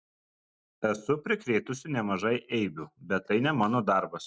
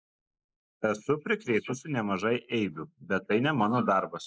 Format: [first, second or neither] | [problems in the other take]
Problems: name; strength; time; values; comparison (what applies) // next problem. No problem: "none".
first | noise reduction (neural mask model Resemble Enhance denoiser)